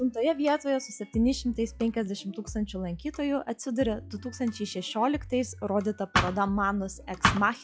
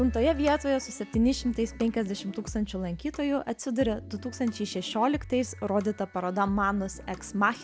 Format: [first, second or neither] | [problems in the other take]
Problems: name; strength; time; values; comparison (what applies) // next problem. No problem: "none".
second | noise reduction (classical method log-MMSE)